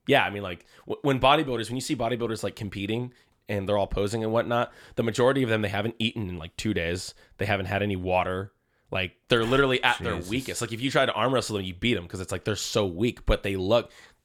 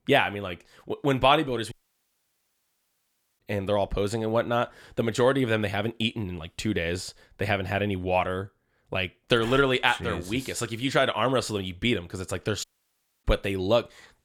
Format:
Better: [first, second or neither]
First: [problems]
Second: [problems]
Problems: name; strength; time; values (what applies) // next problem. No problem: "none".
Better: first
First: none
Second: audio cutting out; at 1.5 s for 1.5 s and at 13 s for 0.5 s